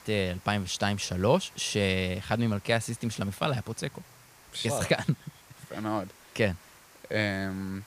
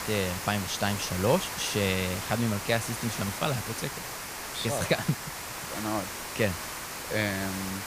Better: first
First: hiss; faint; throughout; 25 dB below the speech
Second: hiss; loud; throughout; 5 dB below the speech

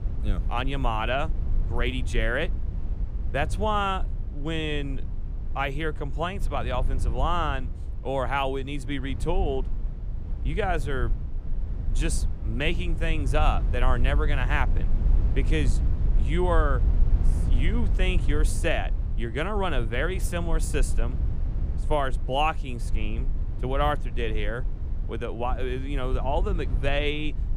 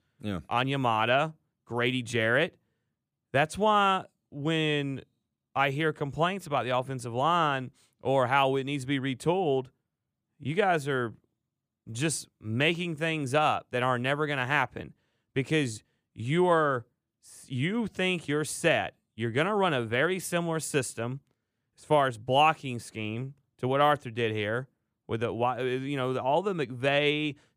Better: second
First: low rumble; noticeable; throughout; 15 dB below the speech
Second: none

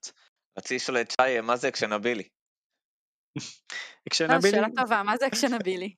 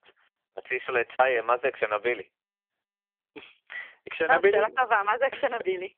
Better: first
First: none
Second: phone-call audio; poor line

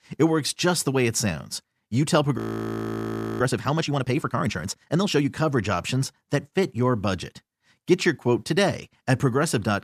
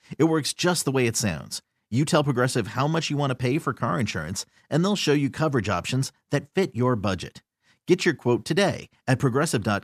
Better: second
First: audio freezing; at 2.5 s for 1 s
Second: none

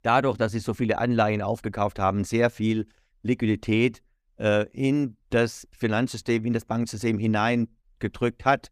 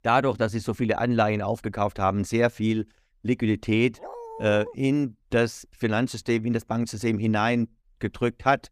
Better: first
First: none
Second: dog barking; faint; at 4 s; peak 15 dB below the speech

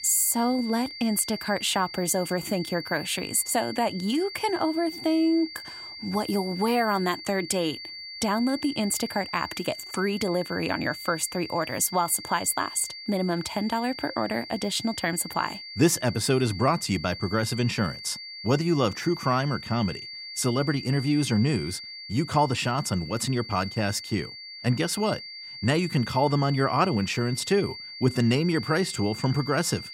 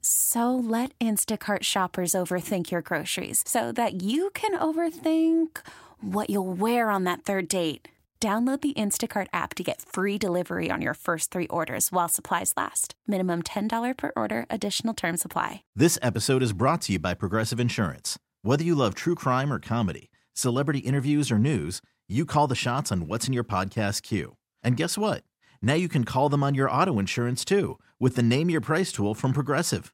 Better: second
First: high-pitched whine; noticeable; throughout; 4.5 kHz, 10 dB below the speech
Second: none

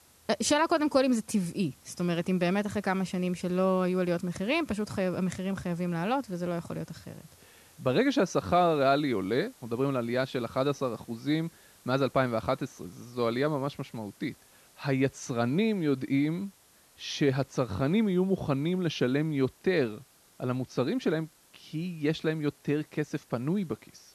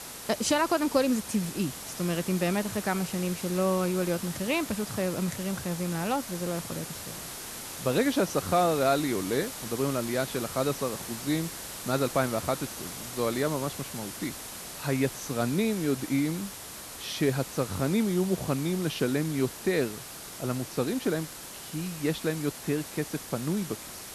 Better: first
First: hiss; faint; throughout; 30 dB below the speech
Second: hiss; loud; throughout; 9 dB below the speech

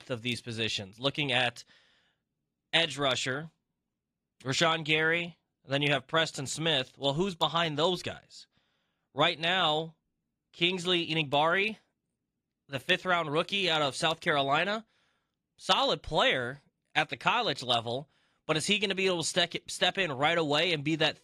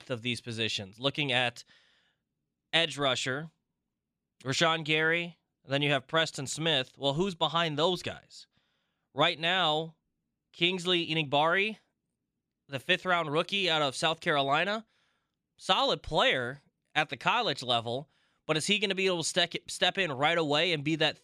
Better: second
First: garbled, watery; slightly; nothing above 15 kHz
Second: none

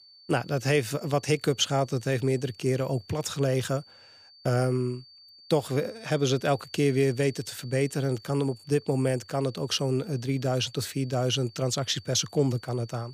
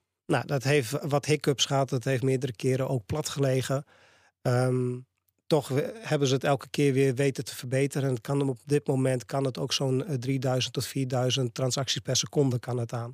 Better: second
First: high-pitched whine; faint; throughout; 4.5 kHz, 25 dB below the speech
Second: none

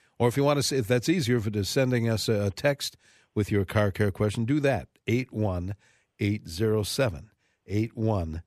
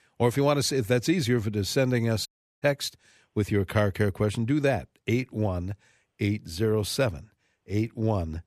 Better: first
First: none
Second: audio cutting out; at 2.5 s

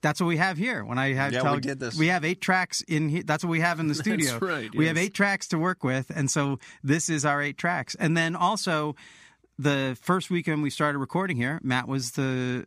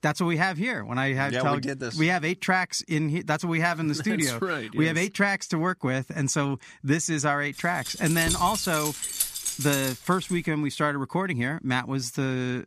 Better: first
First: none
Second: jangling keys; noticeable; from 7.5 to 10 s; peak level with the speech

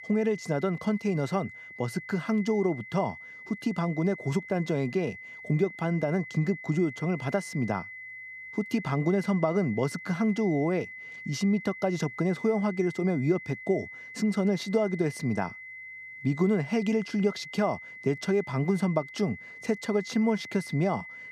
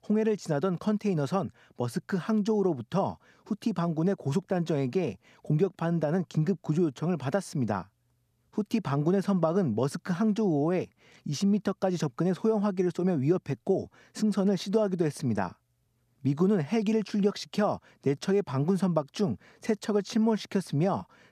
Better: second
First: high-pitched whine; noticeable; throughout; 2 kHz, 15 dB below the speech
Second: none

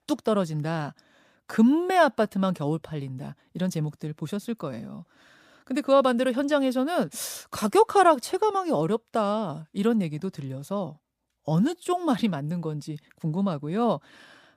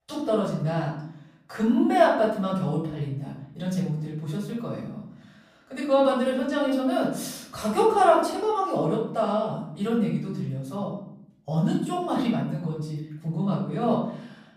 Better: first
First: none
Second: off-mic speech; far // room echo; noticeable; dies away in 0.7 s

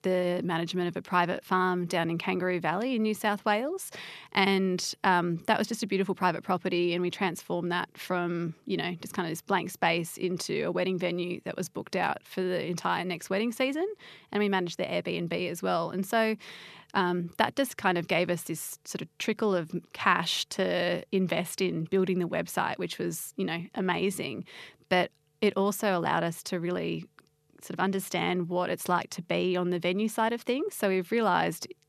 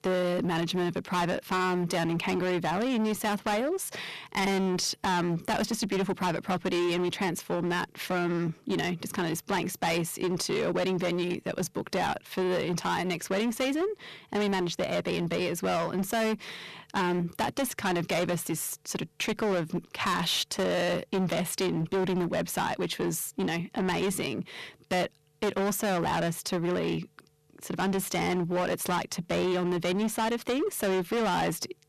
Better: first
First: none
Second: distortion; heavy; 21% of the sound clipped

